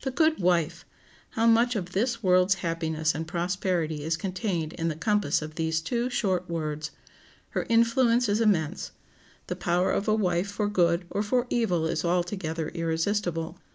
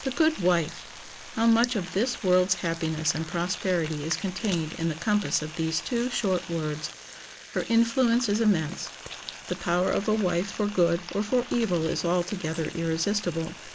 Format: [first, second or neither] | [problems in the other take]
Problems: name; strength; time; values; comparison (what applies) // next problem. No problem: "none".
first | noise reduction (neural mask model Resemble Enhance denoiser)